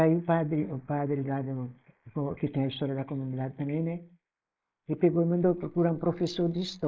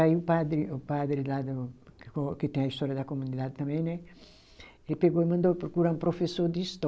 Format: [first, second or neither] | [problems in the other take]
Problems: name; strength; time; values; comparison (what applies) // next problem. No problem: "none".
second | noise reduction (neural mask model Resemble Enhance denoiser)